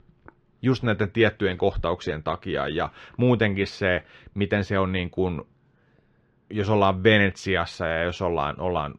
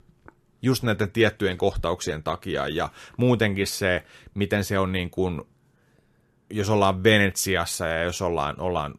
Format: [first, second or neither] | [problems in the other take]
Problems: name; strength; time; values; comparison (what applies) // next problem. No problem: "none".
second | muffled; slightly; fading above 3.5 kHz